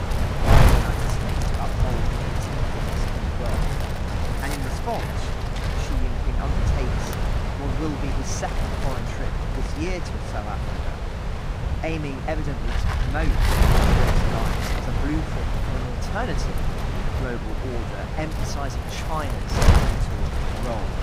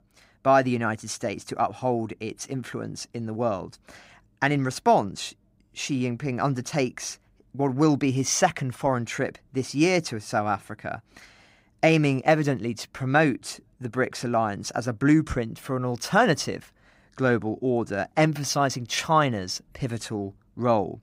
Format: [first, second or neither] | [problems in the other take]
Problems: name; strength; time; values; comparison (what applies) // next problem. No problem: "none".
second | wind noise on the microphone; heavy; 4 dB above the speech